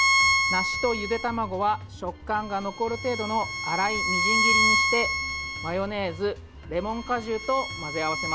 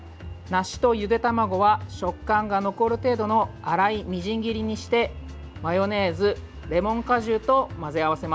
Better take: second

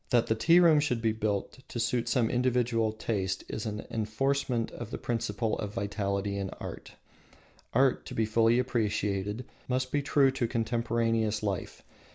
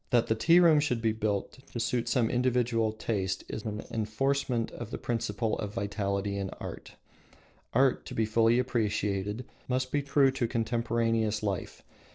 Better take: first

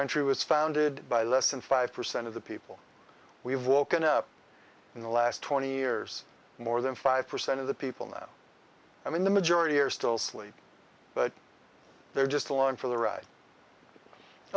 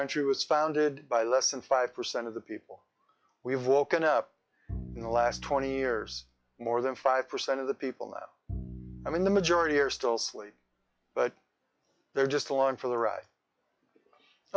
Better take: first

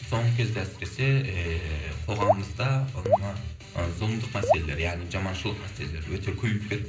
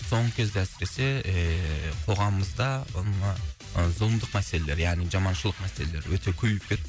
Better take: second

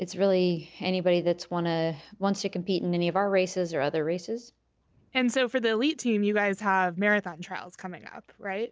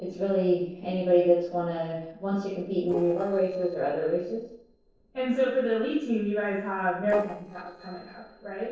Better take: first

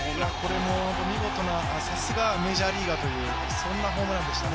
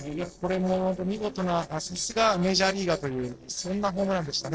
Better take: first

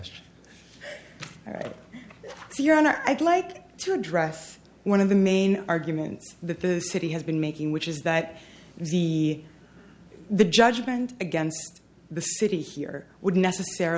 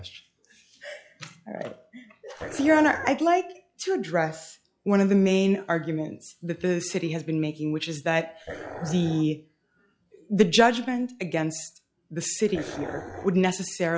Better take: first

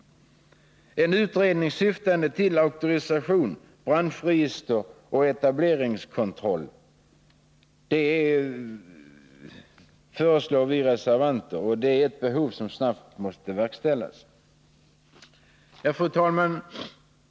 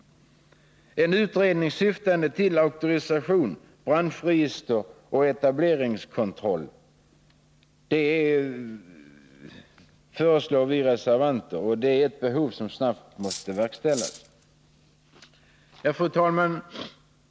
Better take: first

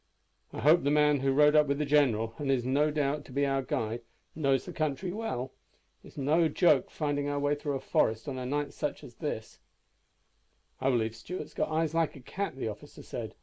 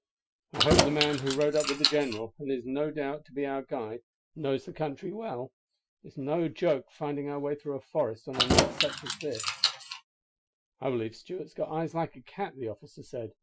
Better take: first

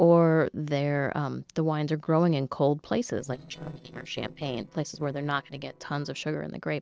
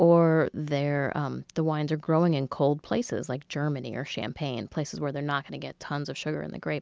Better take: second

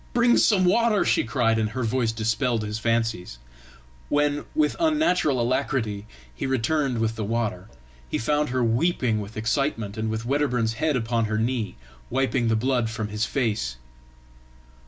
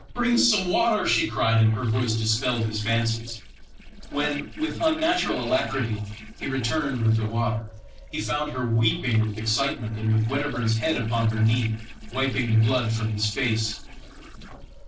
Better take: first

